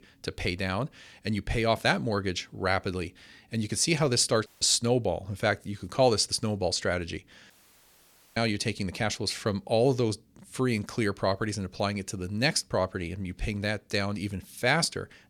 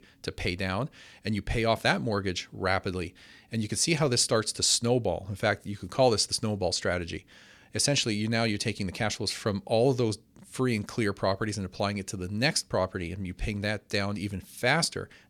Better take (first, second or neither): second